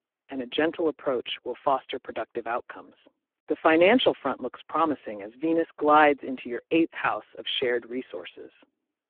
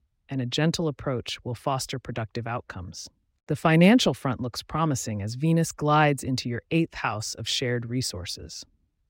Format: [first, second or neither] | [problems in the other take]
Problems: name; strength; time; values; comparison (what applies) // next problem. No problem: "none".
second | phone-call audio; poor line; nothing above 3.5 kHz